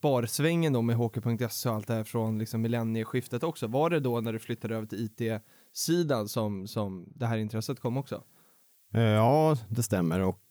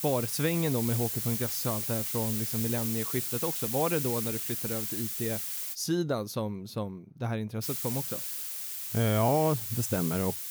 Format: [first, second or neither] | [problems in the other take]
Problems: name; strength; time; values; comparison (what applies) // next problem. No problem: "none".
first | hiss; loud; until 5.5 s and from 7.5 s on; 1 dB below the speech; faint in the first